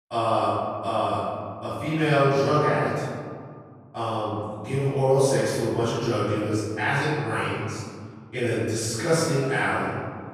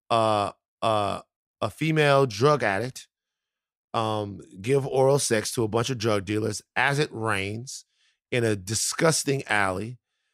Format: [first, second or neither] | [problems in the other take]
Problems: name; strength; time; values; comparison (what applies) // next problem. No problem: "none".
second | off-mic speech; far // room echo; strong; dies away in 2 s